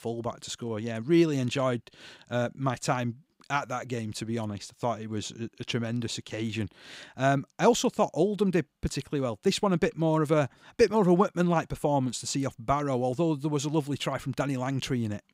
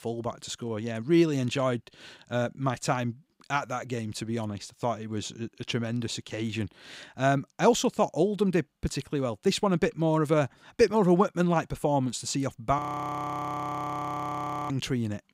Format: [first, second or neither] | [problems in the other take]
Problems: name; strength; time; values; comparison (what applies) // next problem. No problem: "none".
first | audio freezing; at 13 s for 2 s